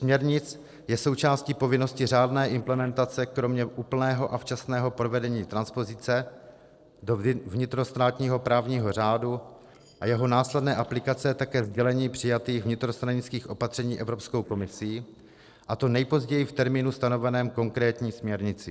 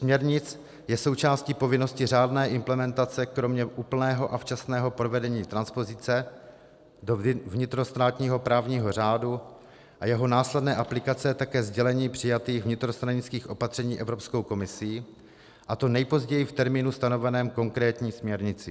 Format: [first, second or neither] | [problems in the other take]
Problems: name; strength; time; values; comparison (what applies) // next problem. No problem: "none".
second | noise reduction (neural separator model SepFormer DNS4)